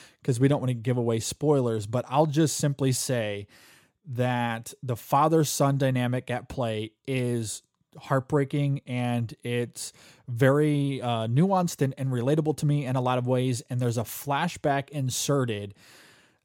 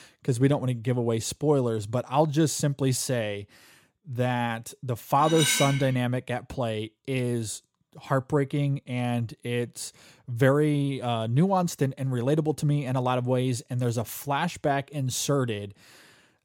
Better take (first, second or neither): first